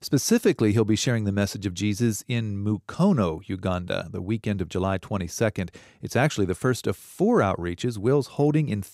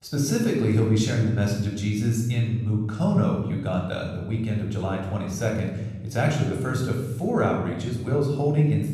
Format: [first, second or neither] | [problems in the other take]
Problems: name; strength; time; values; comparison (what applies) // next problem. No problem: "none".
first | off-mic speech; somewhat distant // room echo; noticeable; dies away in 1.5 s